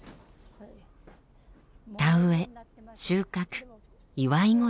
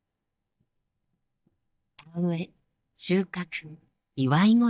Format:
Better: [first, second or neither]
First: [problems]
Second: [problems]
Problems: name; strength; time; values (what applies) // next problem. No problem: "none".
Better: first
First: none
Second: noise reduction (neural mask model DeepFilterNet 3)